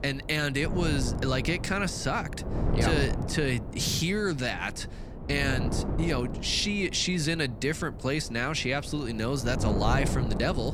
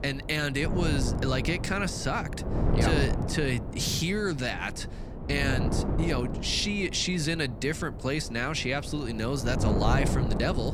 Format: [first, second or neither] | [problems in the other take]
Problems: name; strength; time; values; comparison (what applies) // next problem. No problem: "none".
first | wind noise on the microphone; heavy; 8 dB below the speech; occasional gusts in the first